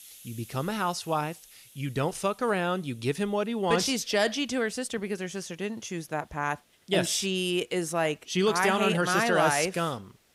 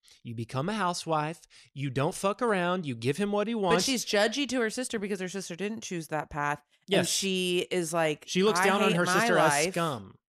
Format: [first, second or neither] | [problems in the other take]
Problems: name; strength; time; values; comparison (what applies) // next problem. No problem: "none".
second | hiss; faint; throughout; 25 dB below the speech